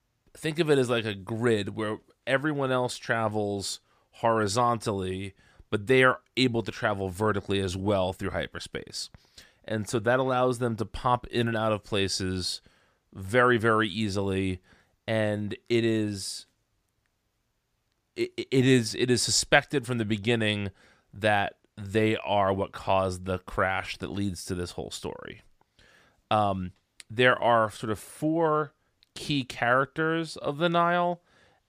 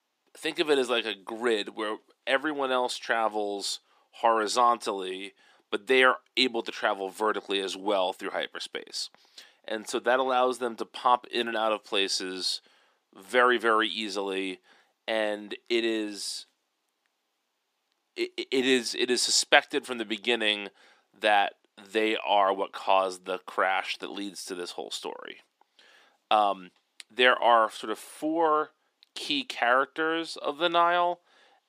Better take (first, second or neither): first